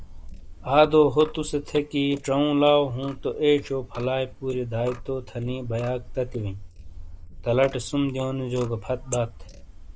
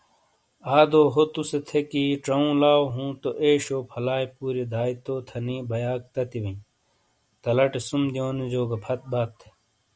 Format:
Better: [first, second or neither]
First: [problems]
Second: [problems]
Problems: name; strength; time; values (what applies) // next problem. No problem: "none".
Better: second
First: noise reduction (neural mask model Resemble Enhance denoiser)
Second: none